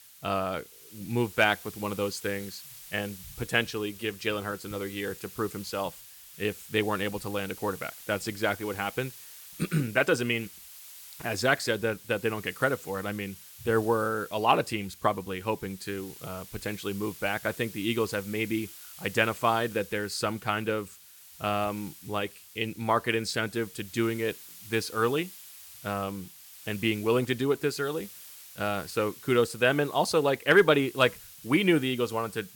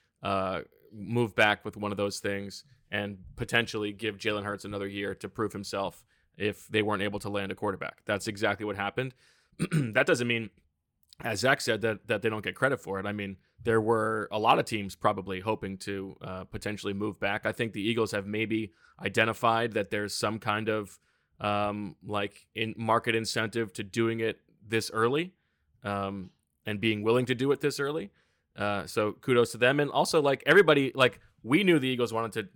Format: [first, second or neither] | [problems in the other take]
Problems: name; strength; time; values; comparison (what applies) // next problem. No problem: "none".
second | hiss; noticeable; throughout; 15 dB below the speech